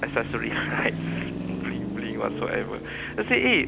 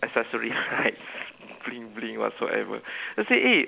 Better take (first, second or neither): second